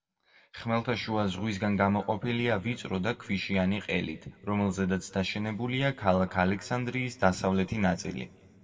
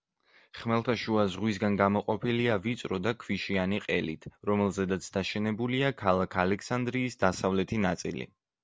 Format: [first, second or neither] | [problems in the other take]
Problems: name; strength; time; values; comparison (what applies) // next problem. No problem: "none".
second | room echo; dies away in 2 s